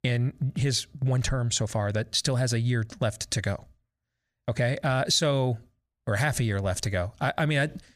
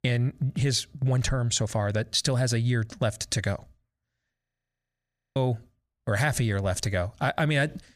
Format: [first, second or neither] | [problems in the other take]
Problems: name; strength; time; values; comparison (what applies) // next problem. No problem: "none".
first | audio freezing; at 4.5 s for 1 s